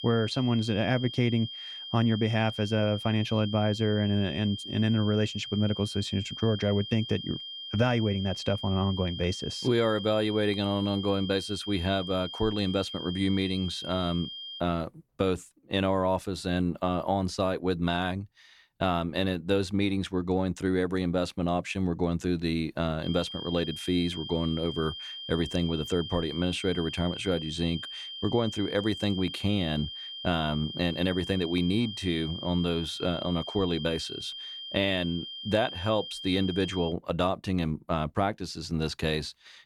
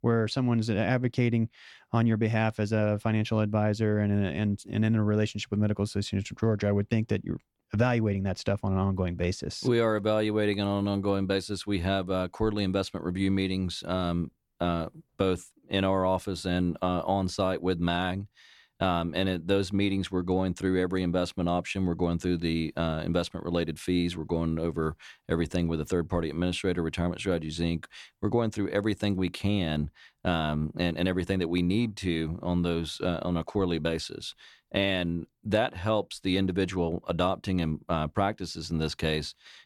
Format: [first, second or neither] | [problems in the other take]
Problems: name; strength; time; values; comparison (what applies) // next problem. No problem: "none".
second | high-pitched whine; loud; until 15 s and from 23 to 37 s; 3 kHz, 8 dB below the speech